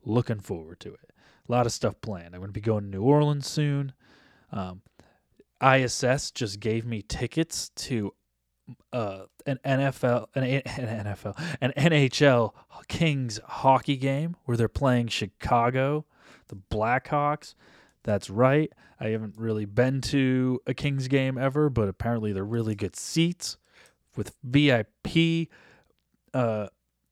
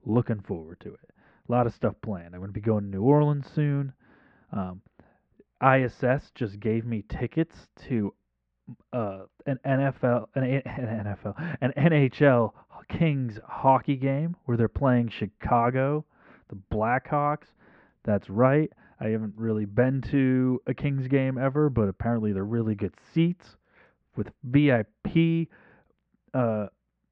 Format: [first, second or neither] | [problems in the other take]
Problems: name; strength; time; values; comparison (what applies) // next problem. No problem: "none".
first | muffled; very; fading above 2 kHz